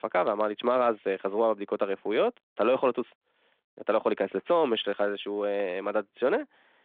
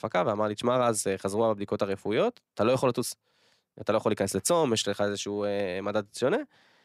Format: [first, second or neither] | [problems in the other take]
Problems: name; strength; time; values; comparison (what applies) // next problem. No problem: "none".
second | phone-call audio